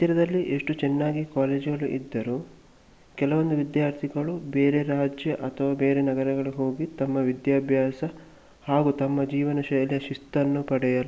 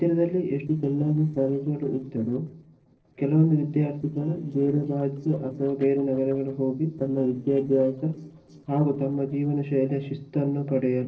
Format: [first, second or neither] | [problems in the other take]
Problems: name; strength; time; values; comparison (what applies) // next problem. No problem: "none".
first | noise reduction (neural separator model SepFormer DNS4)